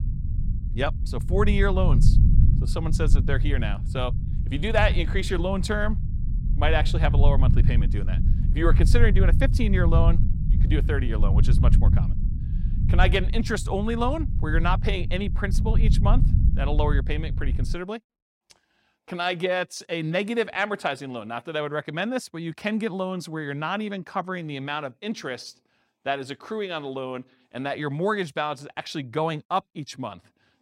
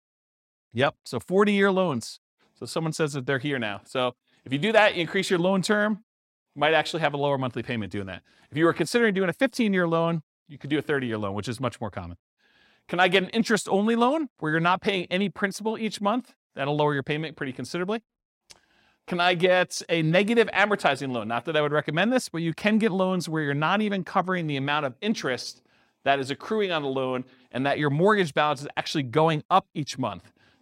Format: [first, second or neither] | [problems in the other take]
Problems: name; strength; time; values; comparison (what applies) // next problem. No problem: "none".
second | low rumble; noticeable; until 18 s; 10 dB below the speech